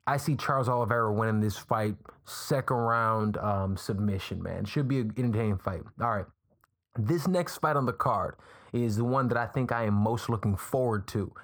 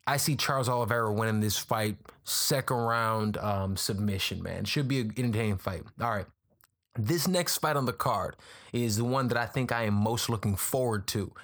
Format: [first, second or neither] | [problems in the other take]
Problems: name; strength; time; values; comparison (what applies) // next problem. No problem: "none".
second | muffled; slightly; fading above 2 kHz